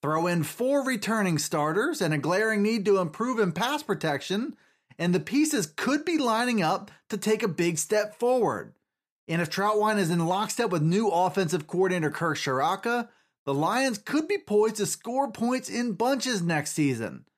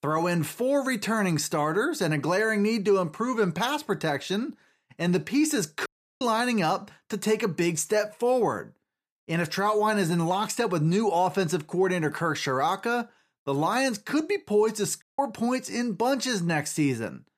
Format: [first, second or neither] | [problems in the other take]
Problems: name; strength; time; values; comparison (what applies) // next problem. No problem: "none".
first | audio cutting out; at 6 s and at 15 s